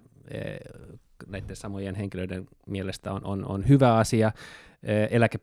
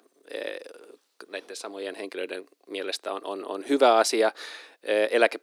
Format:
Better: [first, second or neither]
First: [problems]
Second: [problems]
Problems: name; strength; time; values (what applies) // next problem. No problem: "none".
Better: first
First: none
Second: thin; somewhat; fading below 300 Hz